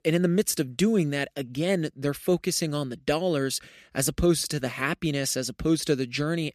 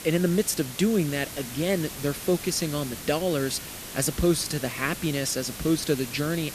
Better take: first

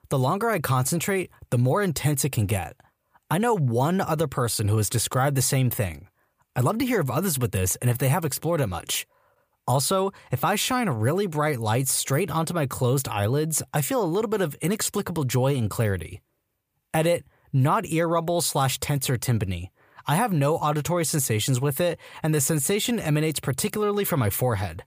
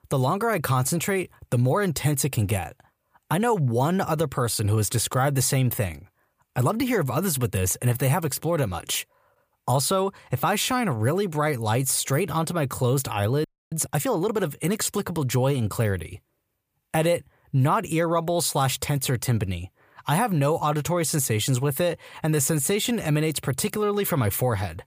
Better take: first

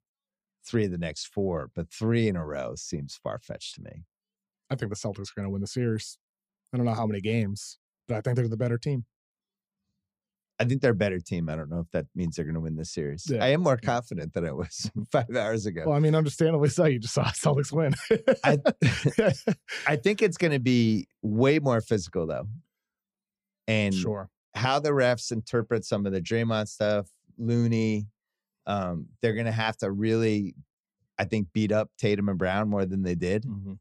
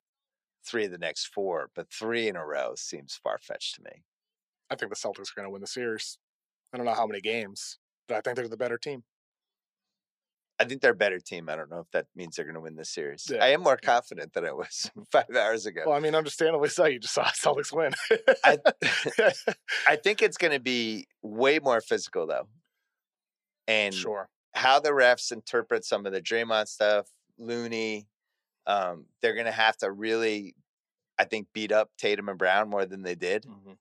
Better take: first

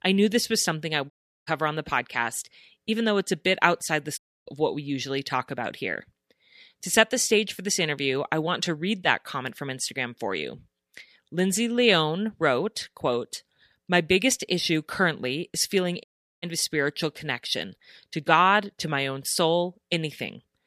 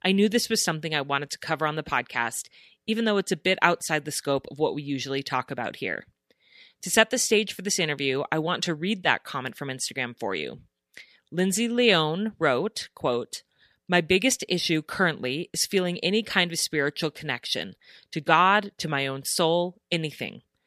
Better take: second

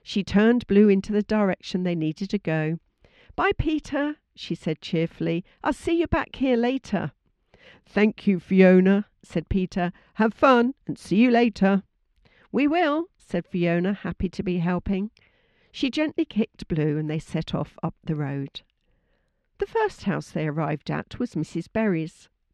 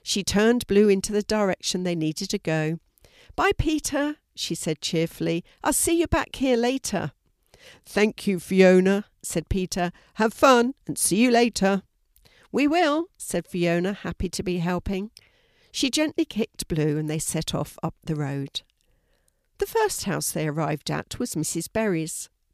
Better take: second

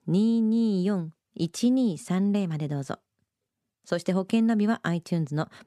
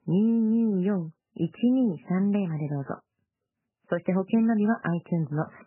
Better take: first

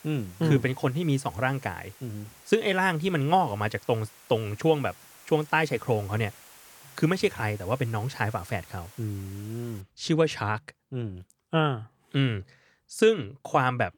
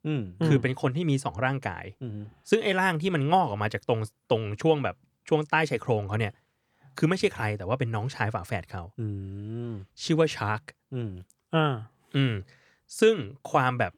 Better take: second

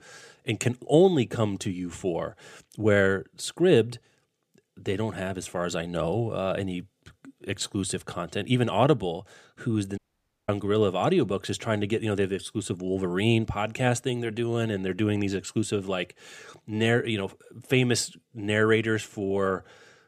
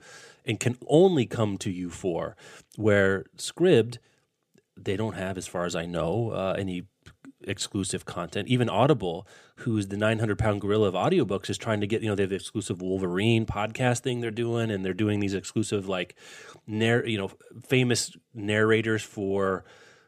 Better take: second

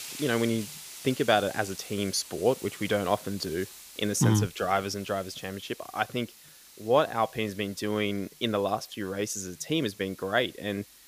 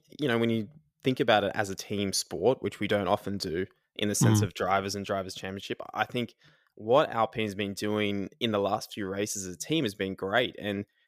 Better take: second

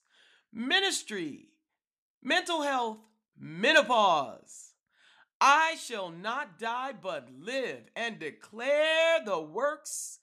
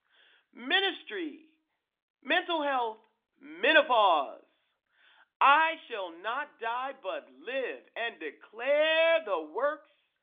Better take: first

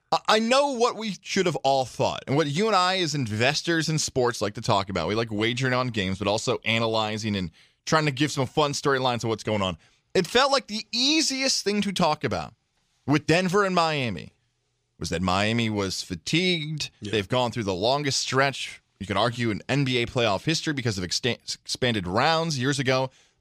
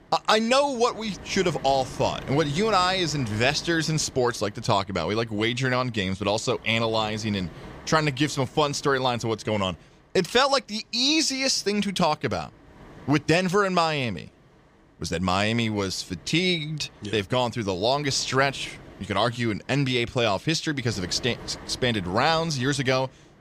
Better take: first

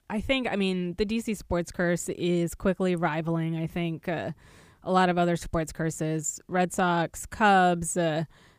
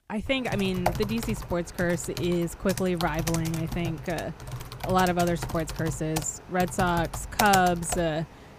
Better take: first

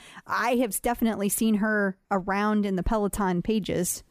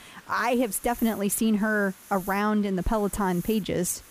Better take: first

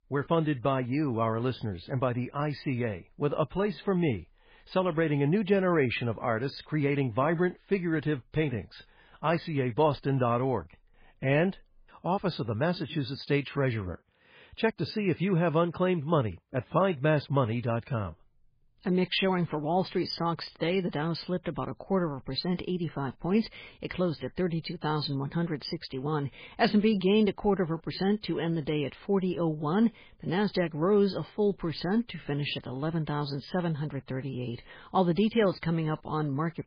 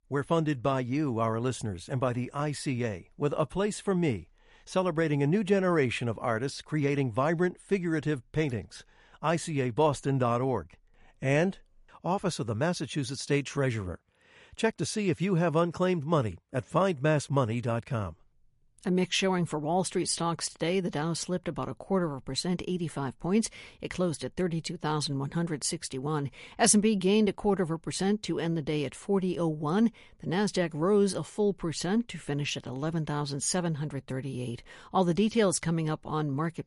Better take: second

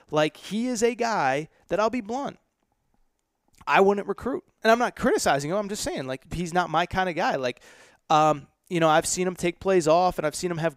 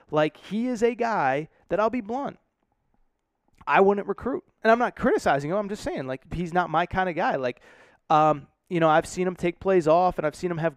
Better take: first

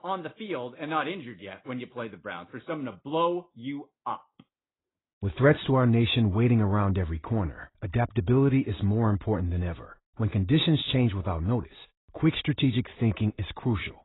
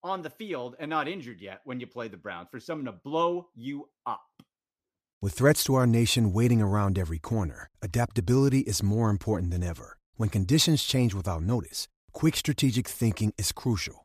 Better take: second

